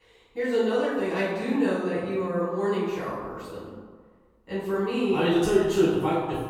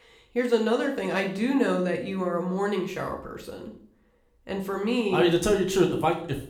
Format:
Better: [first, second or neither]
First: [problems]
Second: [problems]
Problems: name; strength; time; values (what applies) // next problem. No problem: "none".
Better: second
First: room echo; strong; dies away in 1.2 s // off-mic speech; far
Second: room echo; slight; dies away in 0.5 s // off-mic speech; somewhat distant